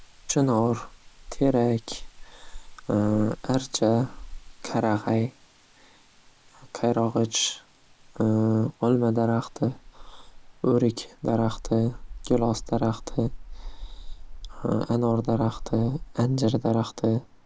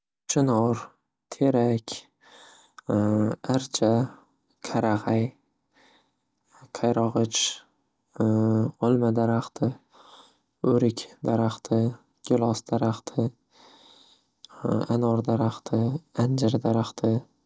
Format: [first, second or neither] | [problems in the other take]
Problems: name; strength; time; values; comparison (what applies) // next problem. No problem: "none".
second | background sound (Rain); 14 dB below the speech